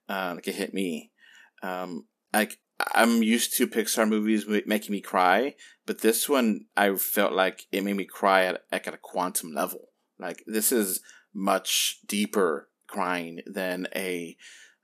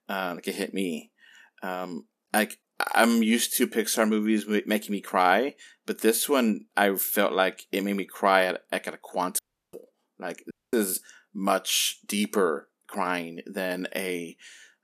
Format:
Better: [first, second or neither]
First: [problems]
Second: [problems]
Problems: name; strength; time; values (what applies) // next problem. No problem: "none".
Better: first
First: none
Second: audio cutting out; at 9.5 s and at 11 s